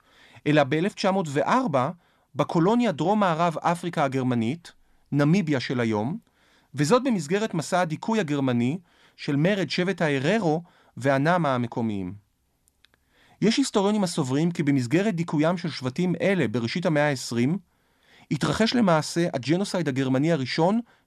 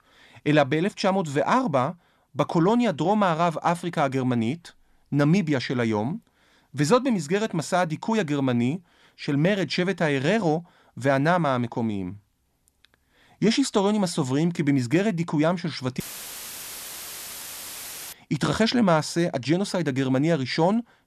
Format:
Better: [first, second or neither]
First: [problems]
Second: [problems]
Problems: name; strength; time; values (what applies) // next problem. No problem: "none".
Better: first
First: none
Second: audio cutting out; filled with static; at 16 s for 2 s